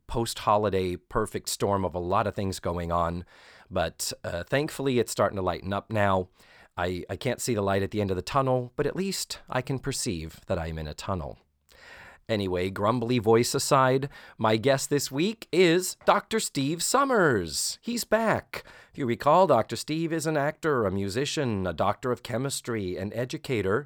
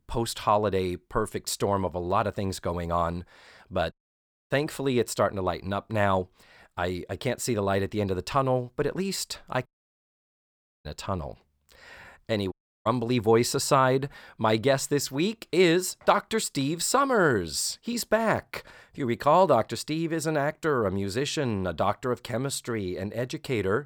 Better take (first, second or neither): first